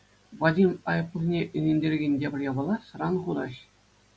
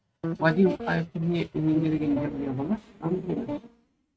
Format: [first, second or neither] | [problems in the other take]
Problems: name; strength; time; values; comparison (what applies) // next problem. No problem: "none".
first | noise reduction (neural mask model RNNoise)